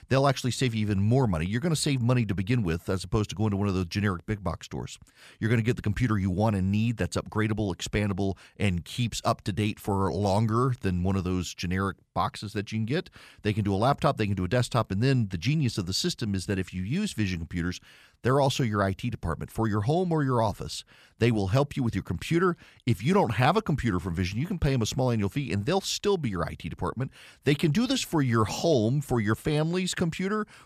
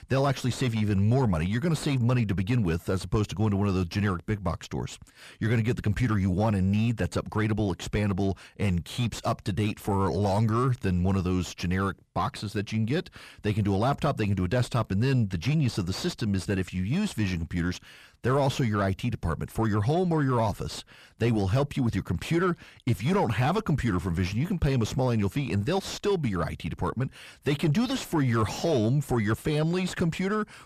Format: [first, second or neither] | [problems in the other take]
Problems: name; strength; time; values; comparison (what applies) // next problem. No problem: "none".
first | distortion; slight; 10 dB below the speech